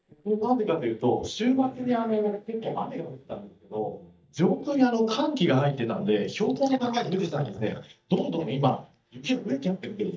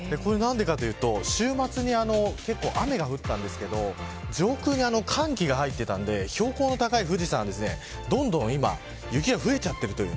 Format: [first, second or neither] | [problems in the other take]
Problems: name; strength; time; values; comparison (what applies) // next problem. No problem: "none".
second | noise reduction (neural mask model DeepFilterNet 3)